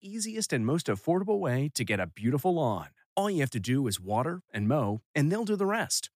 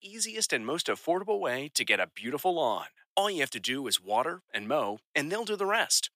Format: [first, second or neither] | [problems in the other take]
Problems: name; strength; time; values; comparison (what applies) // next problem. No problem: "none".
first | thin; somewhat; fading below 450 Hz